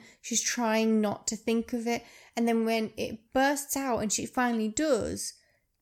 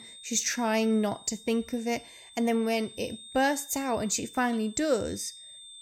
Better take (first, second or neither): first